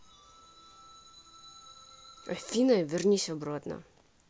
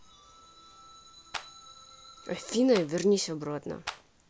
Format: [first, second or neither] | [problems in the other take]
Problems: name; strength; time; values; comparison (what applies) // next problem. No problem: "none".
first | background sound (Clapping); 10 dB below the speech